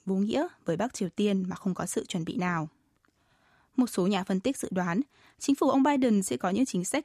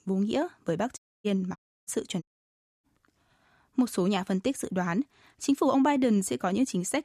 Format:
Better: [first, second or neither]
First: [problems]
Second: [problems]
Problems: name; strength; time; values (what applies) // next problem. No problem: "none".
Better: first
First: none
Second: audio cutting out; at 1 s, at 1.5 s and at 2 s for 0.5 s